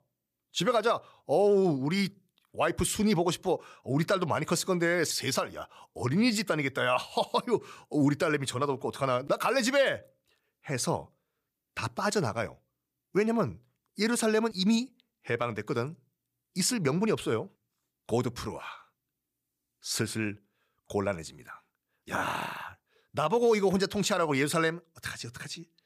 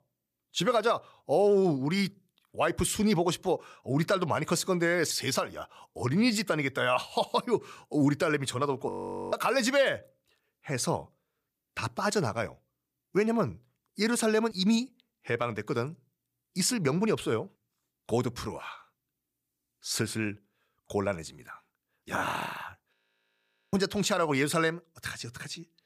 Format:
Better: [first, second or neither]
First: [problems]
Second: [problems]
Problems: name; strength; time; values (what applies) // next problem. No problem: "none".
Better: first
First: none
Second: audio freezing; at 9 s and at 23 s for 1 s